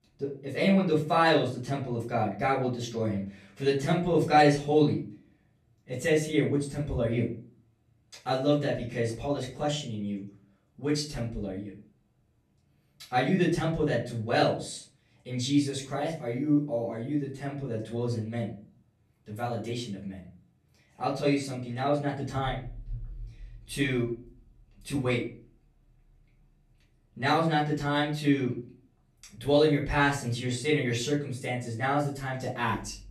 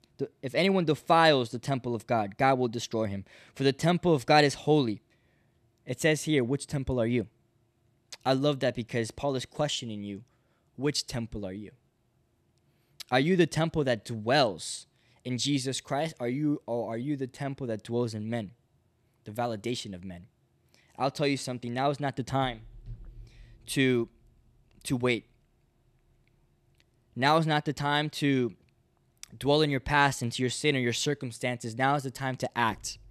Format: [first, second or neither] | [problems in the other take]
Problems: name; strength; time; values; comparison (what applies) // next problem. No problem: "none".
second | off-mic speech; far // room echo; slight; dies away in 0.4 s